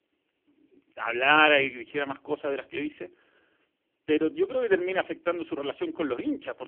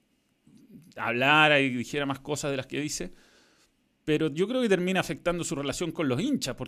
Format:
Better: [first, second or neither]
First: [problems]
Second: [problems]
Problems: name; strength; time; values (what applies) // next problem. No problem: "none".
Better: second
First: phone-call audio; poor line; nothing above 3 kHz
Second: none